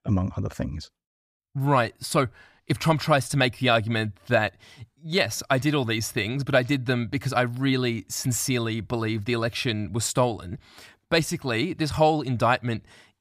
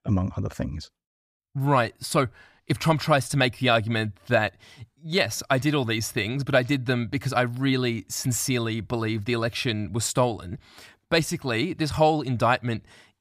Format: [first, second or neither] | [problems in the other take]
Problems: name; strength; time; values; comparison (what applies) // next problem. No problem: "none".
neither | none